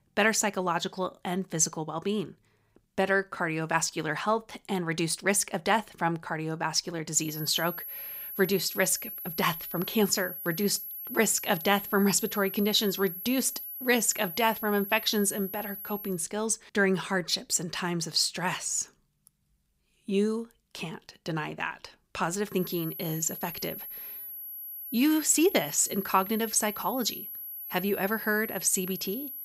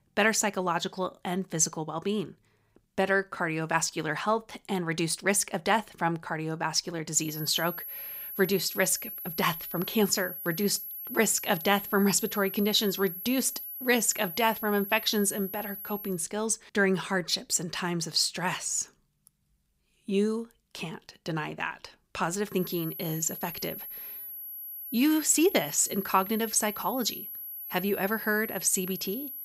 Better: neither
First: high-pitched whine; loud; from 7.5 to 16 s and from 23 s on; 11.5 kHz, 9 dB below the speech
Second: high-pitched whine; loud; from 7.5 to 16 s and from 23 s on; 11.5 kHz, 9 dB below the speech

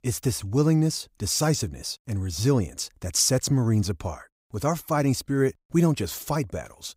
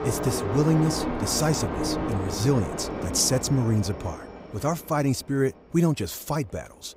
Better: first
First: none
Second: train or aircraft noise; loud; throughout; 5 dB below the speech

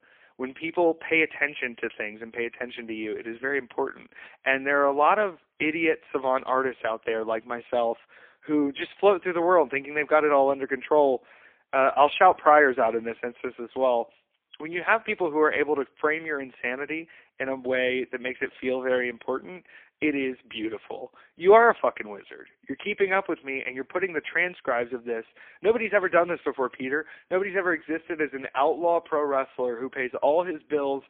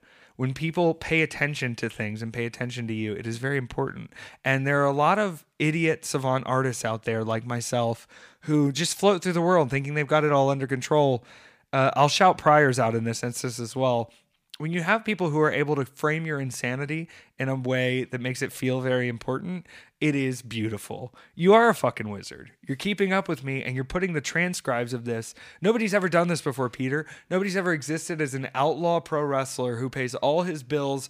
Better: second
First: phone-call audio; poor line; nothing above 3.5 kHz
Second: none

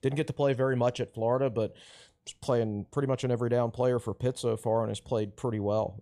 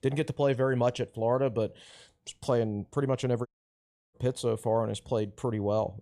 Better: first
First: none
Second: audio cutting out; at 3.5 s for 0.5 s

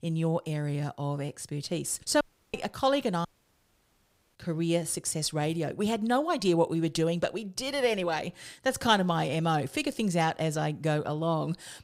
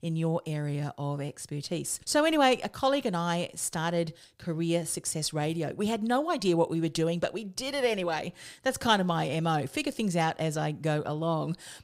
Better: second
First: audio cutting out; at 2 s and at 3.5 s for 1 s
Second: none

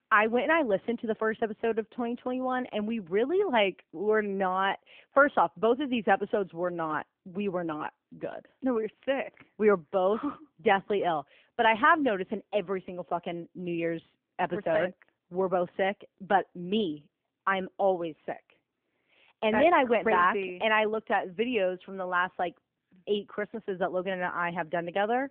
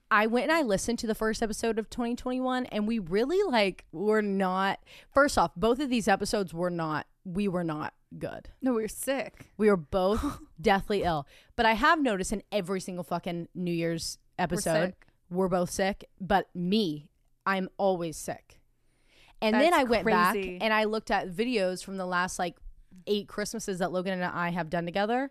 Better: second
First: phone-call audio; nothing above 3 kHz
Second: none

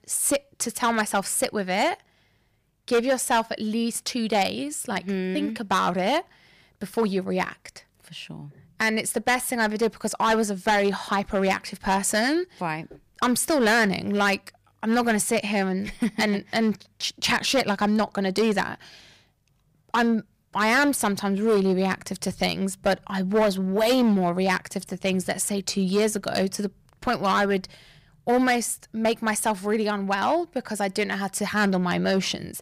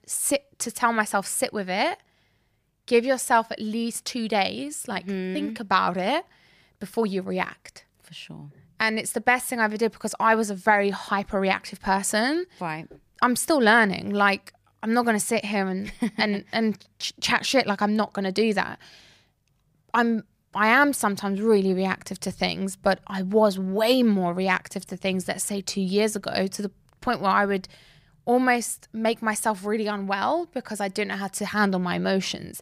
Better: second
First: distortion; slight; 6% of the sound clipped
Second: none

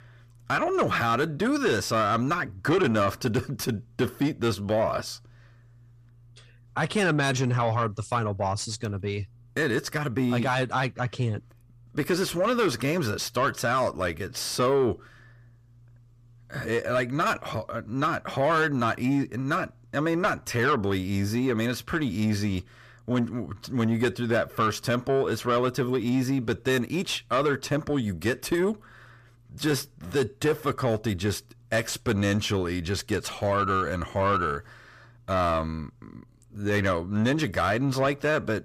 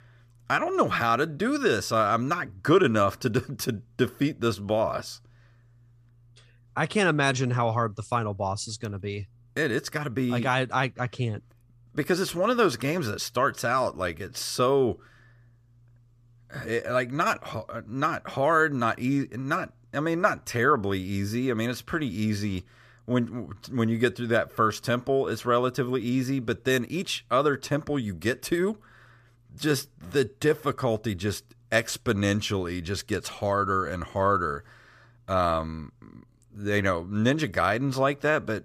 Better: second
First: distortion; slight; 10 dB below the speech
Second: none

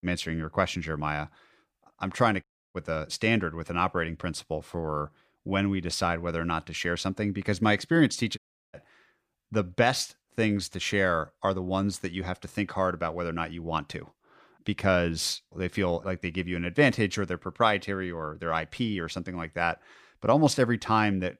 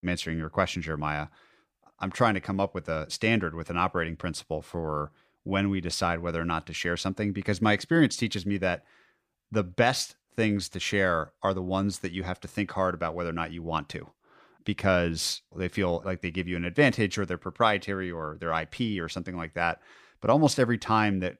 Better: second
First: audio cutting out; at 2.5 s and at 8.5 s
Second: none

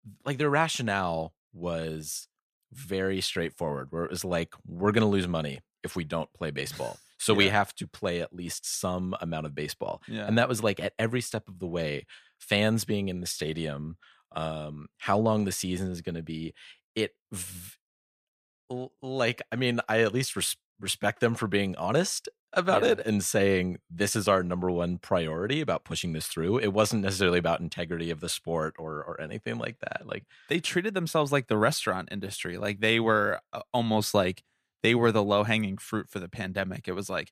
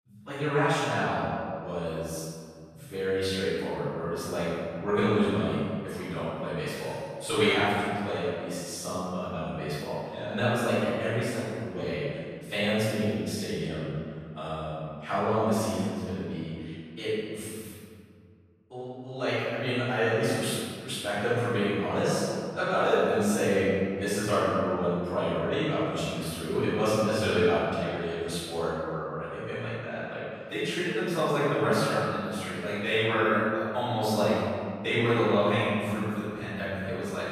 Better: first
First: none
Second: room echo; strong; dies away in 1.9 s // off-mic speech; far

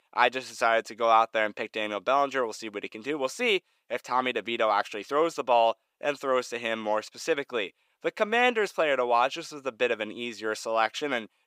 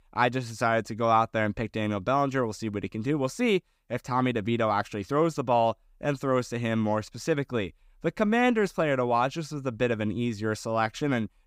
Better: second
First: thin; somewhat; fading below 500 Hz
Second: none

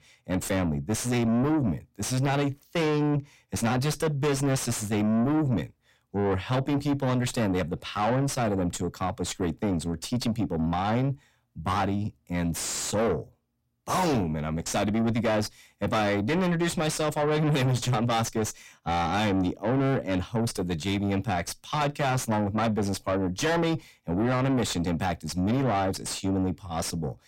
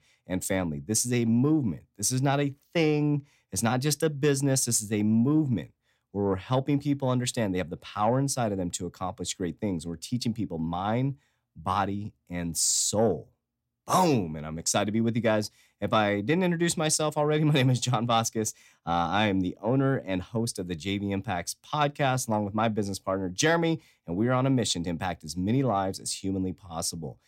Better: second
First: distortion; heavy; 6 dB below the speech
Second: none

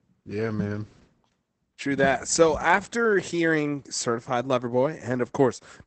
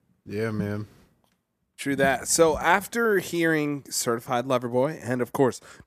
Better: second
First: garbled, watery; badly; nothing above 8 kHz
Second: none

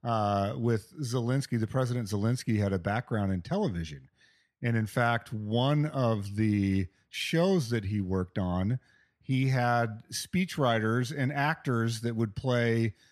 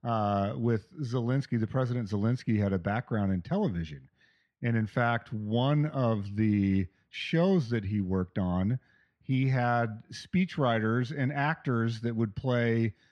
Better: first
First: none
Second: muffled; very slightly; fading above 3.5 kHz

